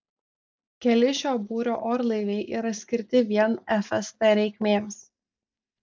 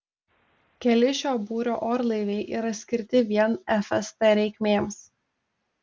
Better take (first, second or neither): second